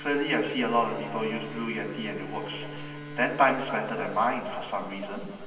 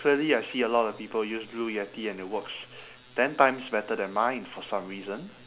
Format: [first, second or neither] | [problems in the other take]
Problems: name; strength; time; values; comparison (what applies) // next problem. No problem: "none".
second | background sound (Bowed string instrument); 14 dB below the speech // room echo; dies away in 2.3 s